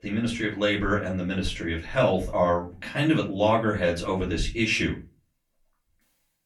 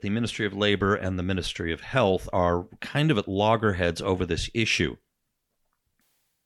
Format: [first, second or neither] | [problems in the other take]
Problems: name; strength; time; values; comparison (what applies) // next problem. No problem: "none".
second | off-mic speech; far // room echo; very slight; dies away in 0.3 s